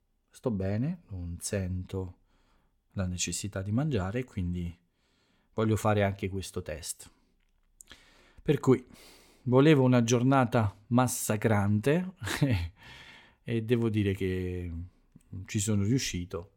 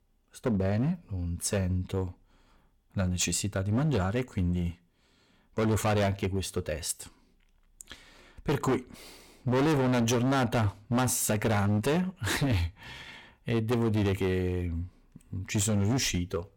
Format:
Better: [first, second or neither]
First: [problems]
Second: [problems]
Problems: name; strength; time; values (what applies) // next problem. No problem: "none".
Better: first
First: none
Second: distortion; heavy; 13% of the sound clipped